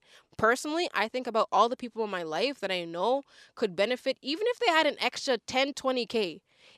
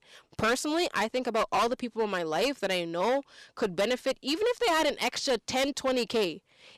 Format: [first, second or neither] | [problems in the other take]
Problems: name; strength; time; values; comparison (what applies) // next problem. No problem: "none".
first | distortion; heavy; 13% of the sound clipped